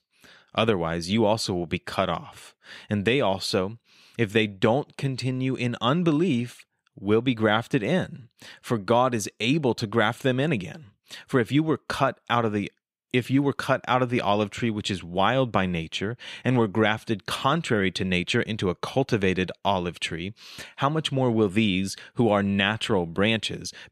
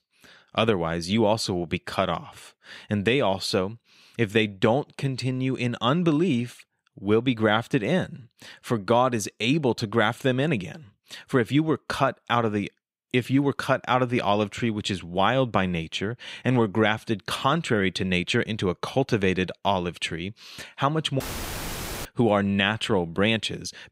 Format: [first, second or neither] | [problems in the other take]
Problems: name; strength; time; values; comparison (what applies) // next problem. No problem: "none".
first | audio cutting out; filled with static; at 21 s for 1 s